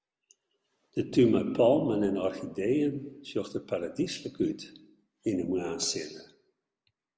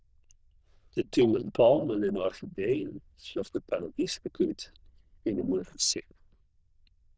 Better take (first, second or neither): first